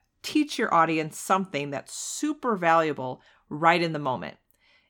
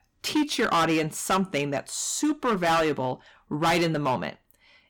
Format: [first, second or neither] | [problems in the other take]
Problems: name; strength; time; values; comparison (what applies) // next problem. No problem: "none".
first | distortion; heavy; 11% of the sound clipped